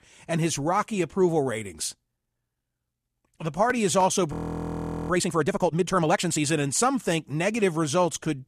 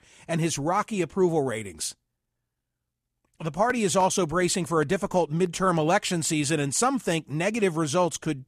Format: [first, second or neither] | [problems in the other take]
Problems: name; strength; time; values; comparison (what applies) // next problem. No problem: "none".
second | audio freezing; at 4.5 s for 1 s